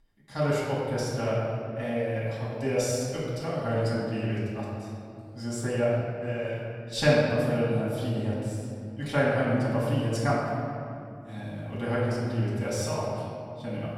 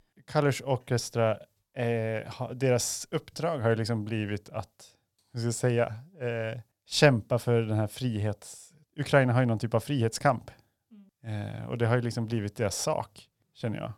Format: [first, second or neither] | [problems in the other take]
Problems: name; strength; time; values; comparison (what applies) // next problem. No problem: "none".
second | off-mic speech; far // room echo; strong; dies away in 2.3 s